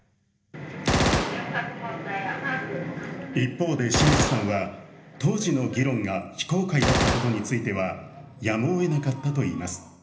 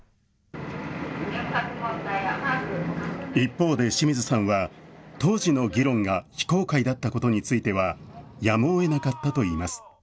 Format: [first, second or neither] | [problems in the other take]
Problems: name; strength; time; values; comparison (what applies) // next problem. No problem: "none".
second | background sound (Gunshot, gunfire); 2 dB below the speech // room echo; dies away in 0.8 s